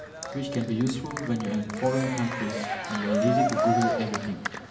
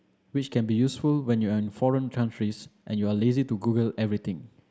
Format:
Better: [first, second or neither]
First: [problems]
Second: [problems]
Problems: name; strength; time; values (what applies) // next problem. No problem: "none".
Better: second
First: background sound (Cheering); 1 dB below the speech // room echo; dies away in 0.8 s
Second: none